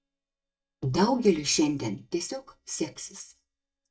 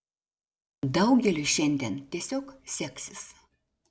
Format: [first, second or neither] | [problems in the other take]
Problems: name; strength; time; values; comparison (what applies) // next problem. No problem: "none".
second | noise reduction (neural mask model DeepFilterNet 3)